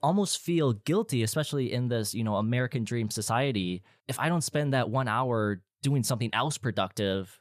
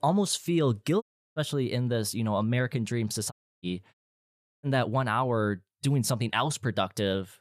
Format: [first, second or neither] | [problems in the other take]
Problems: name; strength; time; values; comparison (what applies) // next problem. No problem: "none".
first | audio cutting out; at 1 s, at 3.5 s and at 4 s for 0.5 s